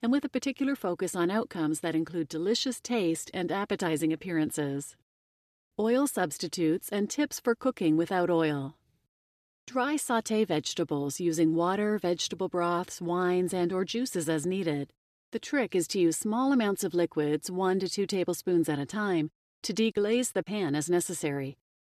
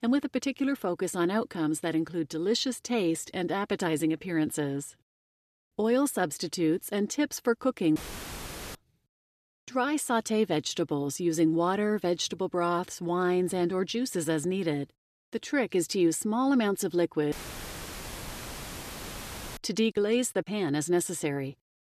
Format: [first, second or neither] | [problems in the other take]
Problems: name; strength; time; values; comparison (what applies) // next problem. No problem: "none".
first | audio cutting out; filled with static; at 8 s for 1 s and at 17 s for 2.5 s